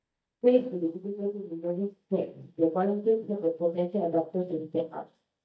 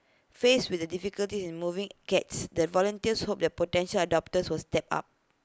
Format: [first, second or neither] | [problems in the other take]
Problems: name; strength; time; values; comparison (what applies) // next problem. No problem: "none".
second | noise reduction (neural mask model DeepFilterNet 3)